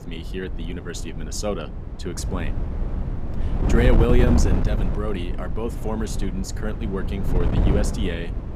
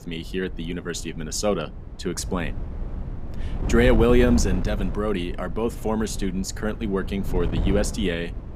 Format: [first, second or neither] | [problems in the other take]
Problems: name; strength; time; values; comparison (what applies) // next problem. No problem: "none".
second | wind noise on the microphone; heavy; 5 dB below the speech; occasional gusts in the second